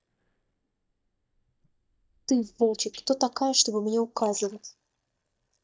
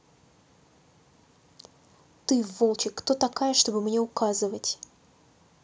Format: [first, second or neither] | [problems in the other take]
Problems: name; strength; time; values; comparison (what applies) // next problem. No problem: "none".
second | noise reduction (neural mask model DeepFilterNet 3)